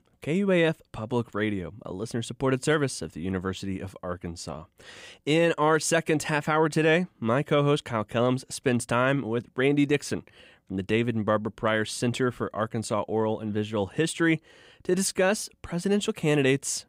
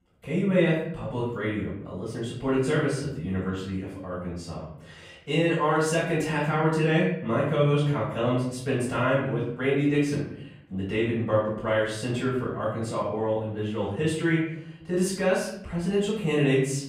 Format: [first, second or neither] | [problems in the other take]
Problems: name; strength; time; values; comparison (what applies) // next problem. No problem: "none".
first | off-mic speech; far // room echo; noticeable; dies away in 0.8 s